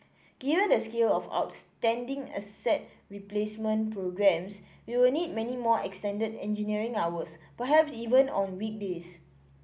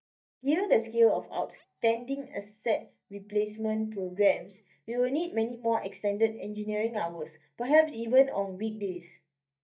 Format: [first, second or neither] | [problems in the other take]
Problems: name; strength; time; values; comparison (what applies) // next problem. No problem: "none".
first | noise reduction (neural mask model DeepFilterNet 3)